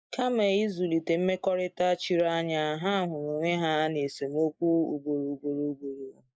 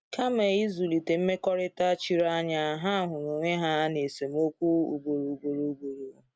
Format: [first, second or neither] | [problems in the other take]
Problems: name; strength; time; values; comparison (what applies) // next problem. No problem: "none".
second | noise reduction (neural mask model Resemble Enhance denoiser)